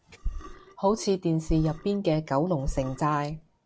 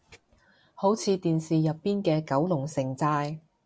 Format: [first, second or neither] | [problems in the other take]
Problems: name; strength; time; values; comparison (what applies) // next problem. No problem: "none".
second | background sound (Burping, eructation); 9 dB below the speech